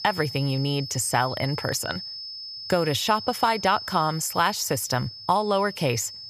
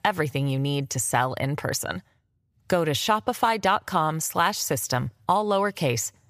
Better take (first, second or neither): second